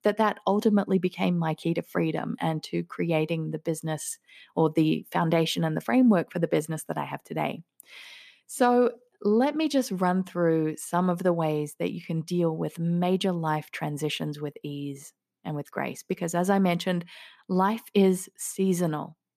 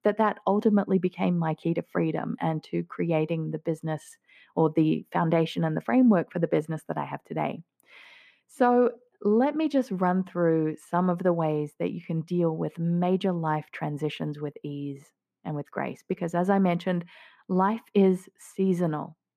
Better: first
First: none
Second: muffled; slightly; fading above 3 kHz

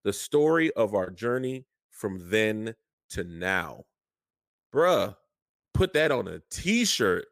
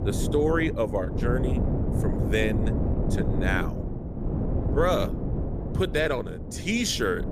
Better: first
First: none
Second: wind noise on the microphone; heavy; 8 dB below the speech

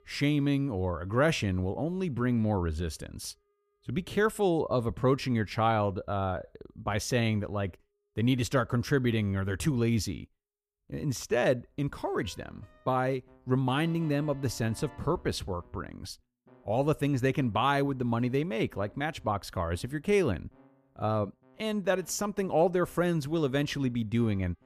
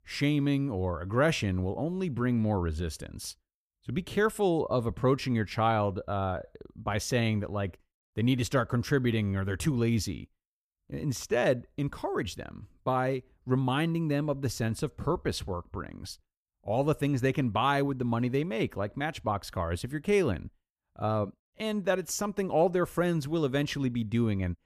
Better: second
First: background music; faint; throughout; 30 dB below the speech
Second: none

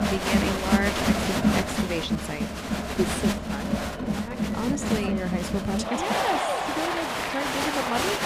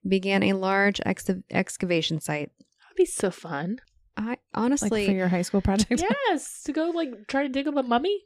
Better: second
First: crowd noise; very loud; throughout; 4 dB above the speech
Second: none

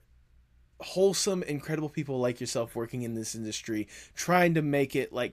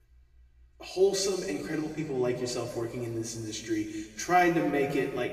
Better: first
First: none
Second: room echo; noticeable; dies away in 2.2 s // off-mic speech; far

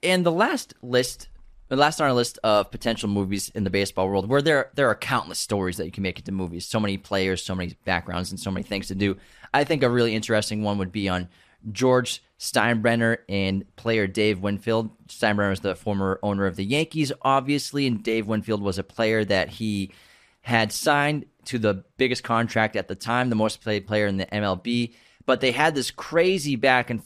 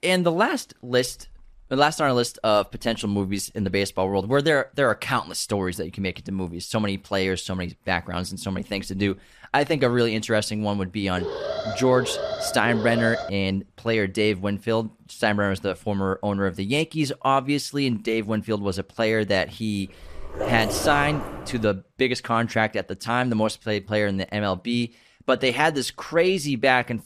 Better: first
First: none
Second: alarm; noticeable; from 11 to 13 s; peak 5 dB below the speech // dog barking; noticeable; from 20 to 22 s; peak 4 dB below the speech

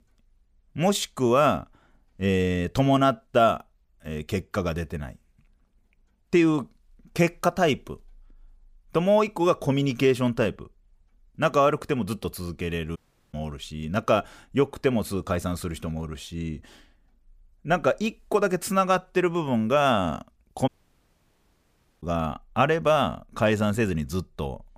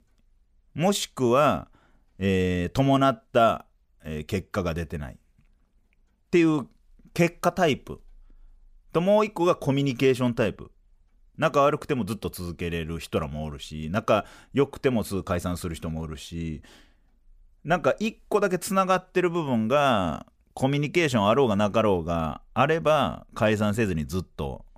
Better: second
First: audio cutting out; at 13 s and at 21 s for 1.5 s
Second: none

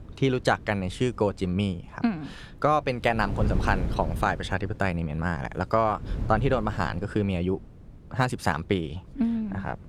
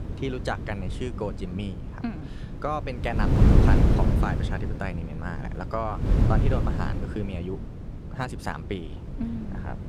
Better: first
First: wind noise on the microphone; occasional gusts; 20 dB below the speech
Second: wind noise on the microphone; heavy; 2 dB below the speech

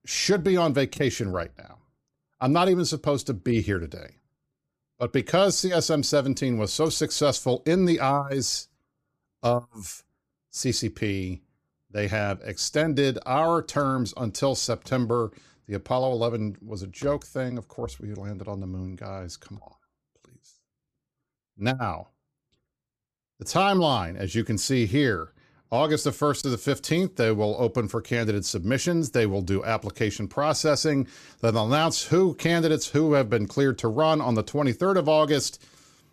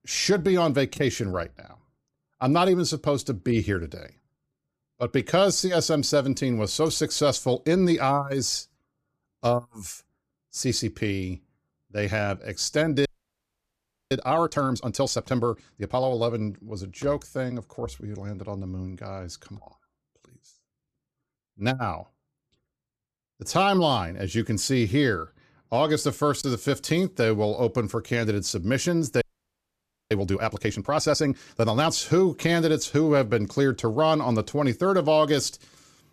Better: first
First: none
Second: audio freezing; at 13 s for 1 s and at 29 s for 1 s

